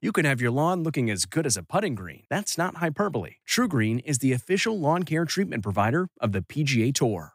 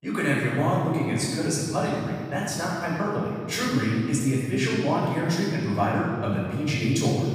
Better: first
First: none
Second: off-mic speech; far // room echo; strong; dies away in 2.3 s

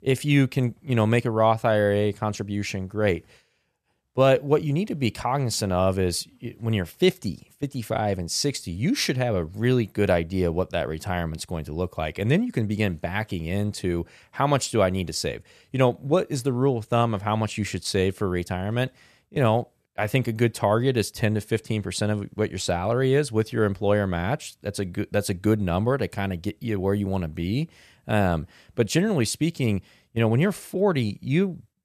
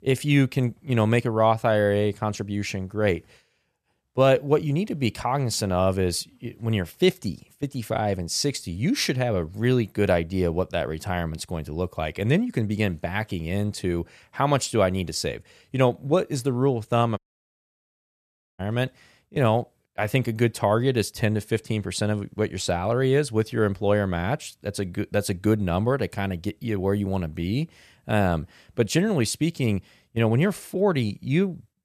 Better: first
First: none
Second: audio cutting out; at 17 s for 1.5 s

